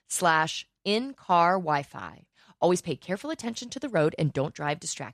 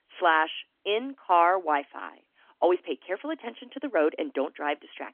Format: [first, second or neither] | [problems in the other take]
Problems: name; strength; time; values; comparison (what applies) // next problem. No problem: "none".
first | phone-call audio; nothing above 3.5 kHz